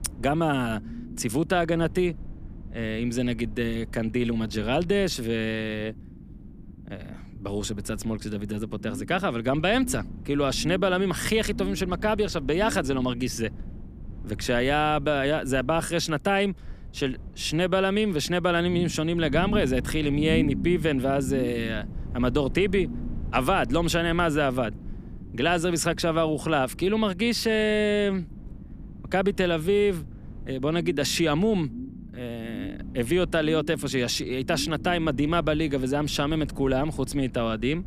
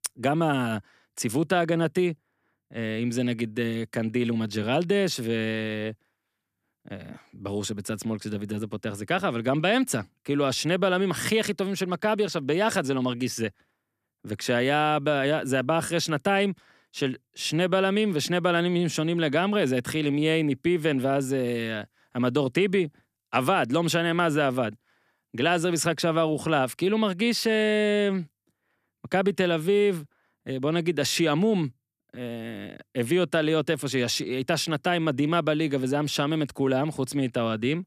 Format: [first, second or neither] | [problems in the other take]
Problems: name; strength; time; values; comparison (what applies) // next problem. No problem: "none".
second | low rumble; noticeable; throughout; 20 dB below the speech